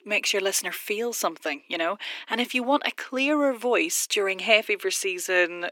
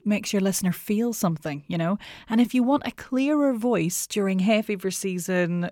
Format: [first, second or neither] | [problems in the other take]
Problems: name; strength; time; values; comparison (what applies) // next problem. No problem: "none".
second | thin; somewhat; fading below 300 Hz